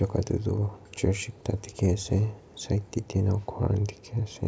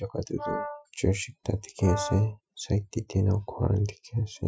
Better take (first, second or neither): first